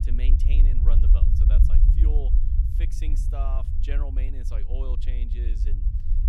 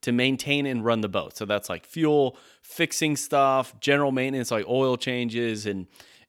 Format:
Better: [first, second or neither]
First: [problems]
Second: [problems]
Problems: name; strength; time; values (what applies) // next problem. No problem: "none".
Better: second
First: low rumble; loud; throughout; 1 dB below the speech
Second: none